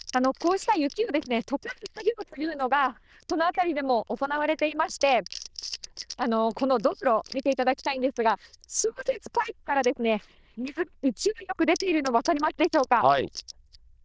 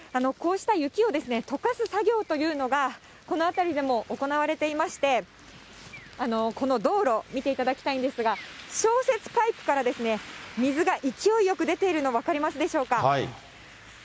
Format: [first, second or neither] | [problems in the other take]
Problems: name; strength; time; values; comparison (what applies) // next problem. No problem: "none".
second | noise reduction (neural diffusion model UNIVERSE++)